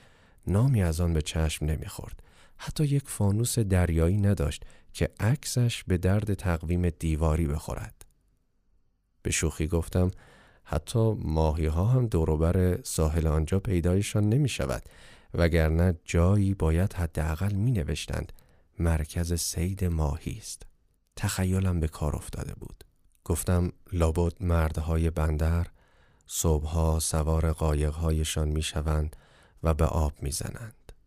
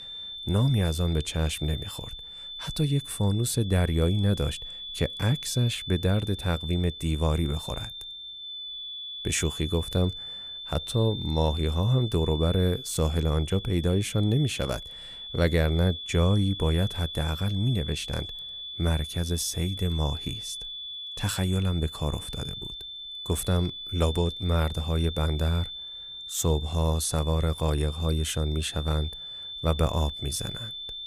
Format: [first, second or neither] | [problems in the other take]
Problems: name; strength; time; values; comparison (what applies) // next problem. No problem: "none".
first | high-pitched whine; loud; throughout; 3.5 kHz, 9 dB below the speech